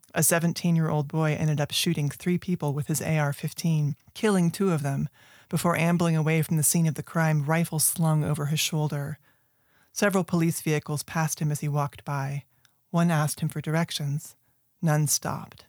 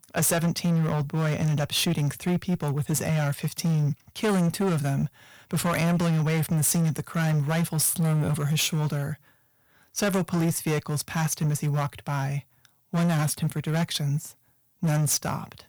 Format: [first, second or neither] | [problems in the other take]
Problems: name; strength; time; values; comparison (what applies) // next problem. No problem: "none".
first | distortion; slight; 15% of the sound clipped